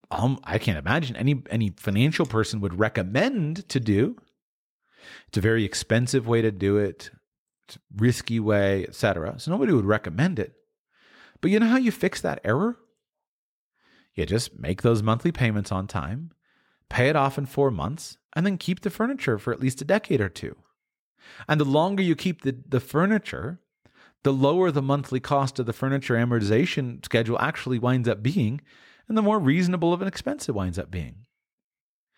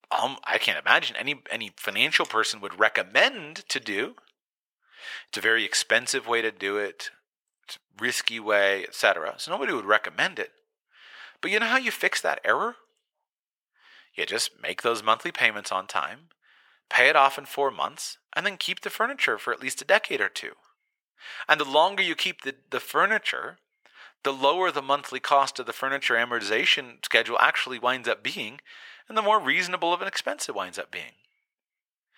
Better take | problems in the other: first | thin; very; fading below 800 Hz

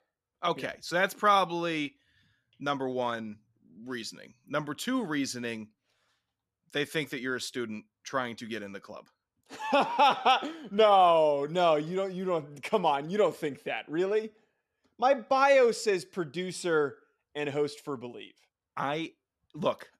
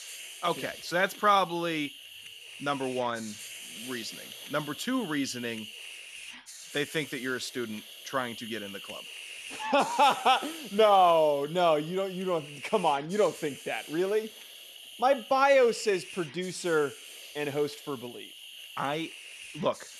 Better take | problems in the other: first | hiss; noticeable; throughout; 15 dB below the speech

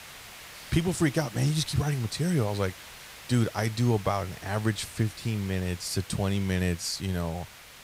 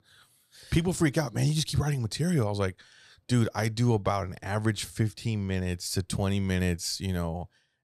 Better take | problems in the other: second | hiss; noticeable; throughout; 15 dB below the speech

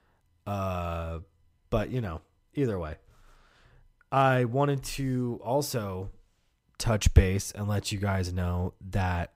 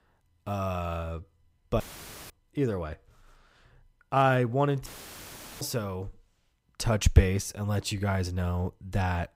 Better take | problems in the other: first | audio cutting out; filled with static; at 2 s and at 5 s for 1 s

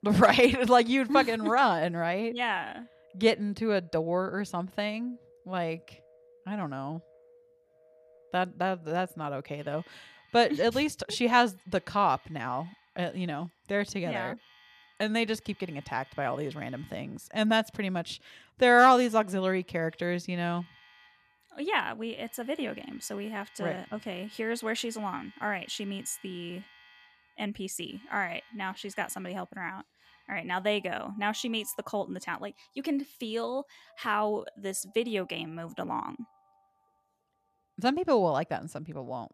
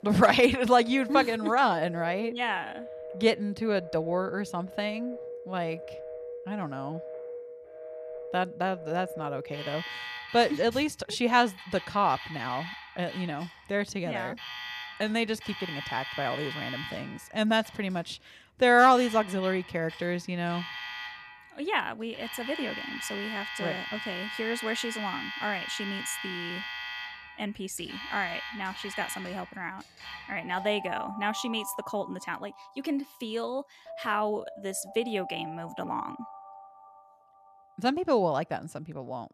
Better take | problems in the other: first | alarms or sirens; loud; throughout; 10 dB below the speech; faint in the first

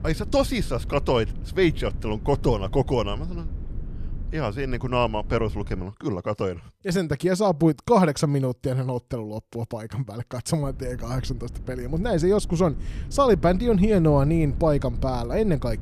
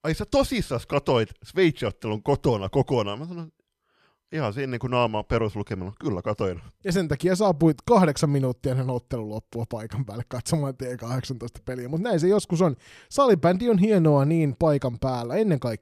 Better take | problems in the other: second | low rumble; faint; until 6 s and from 11 s on; 25 dB below the speech

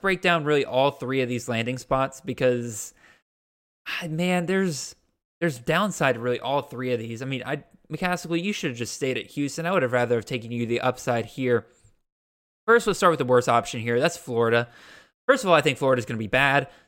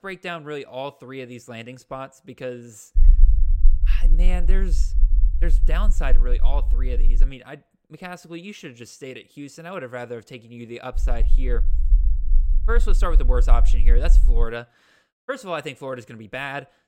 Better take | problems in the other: first | low rumble; noticeable; from 3 to 7.5 s and from 11 to 14 s; 15 dB below the speech

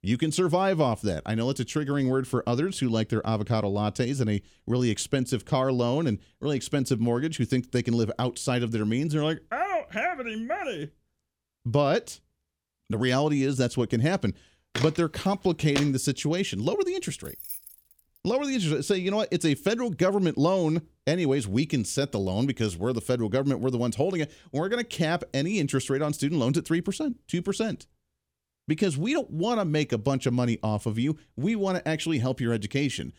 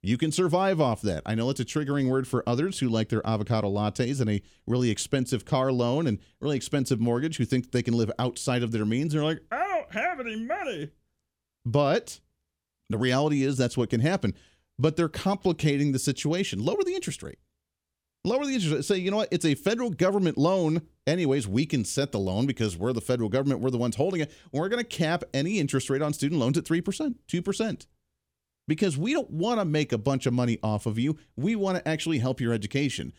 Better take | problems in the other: second | footsteps; noticeable; from 15 to 16 s; peak 6 dB below the speech // jangling keys; noticeable; at 17 s; peak 10 dB below the speech

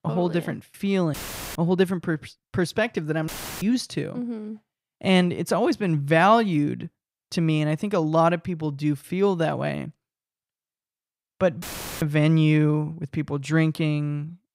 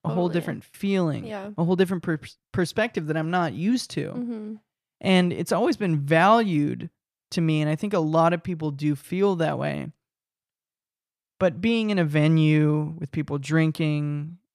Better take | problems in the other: second | audio cutting out; filled with static; at 1 s, at 3.5 s and at 12 s

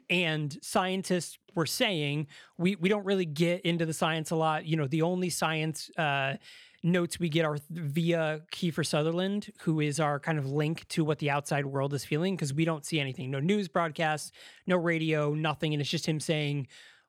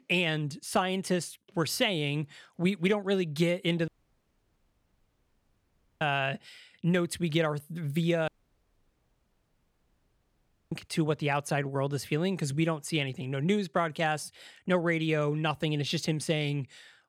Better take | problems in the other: first | audio cutting out; at 4 s for 2 s and at 8.5 s for 2.5 s

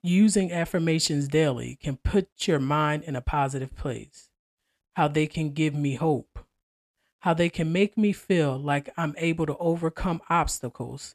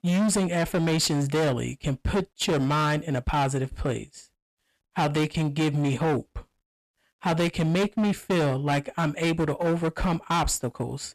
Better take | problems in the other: first | distortion; heavy; 20% of the sound clipped

